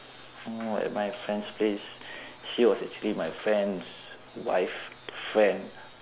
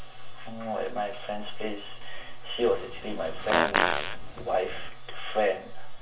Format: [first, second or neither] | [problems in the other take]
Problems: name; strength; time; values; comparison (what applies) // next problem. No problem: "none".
first | background sound (Fart); 1 dB below the speech // room echo; dies away in 0.2 s